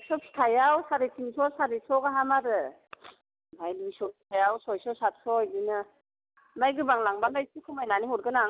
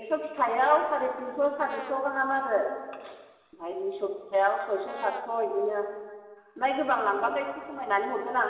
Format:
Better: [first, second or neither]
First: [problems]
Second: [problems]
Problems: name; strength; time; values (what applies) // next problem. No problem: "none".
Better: first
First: none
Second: background sound (Brass instrument); 15 dB below the speech // room echo; dies away in 1.6 s